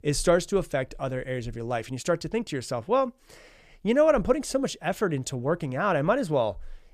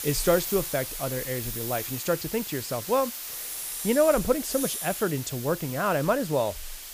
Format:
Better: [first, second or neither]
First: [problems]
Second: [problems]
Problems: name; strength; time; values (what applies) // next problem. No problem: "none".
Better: first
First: none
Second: hiss; loud; throughout; 6 dB below the speech